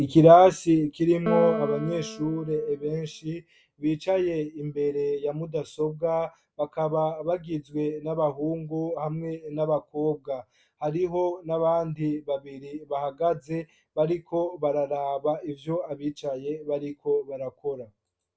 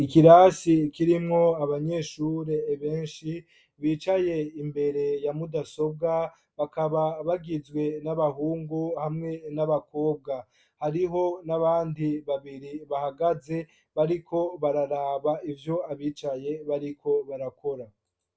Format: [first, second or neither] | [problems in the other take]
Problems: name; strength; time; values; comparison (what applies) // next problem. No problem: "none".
second | background sound (Piano); 9 dB below the speech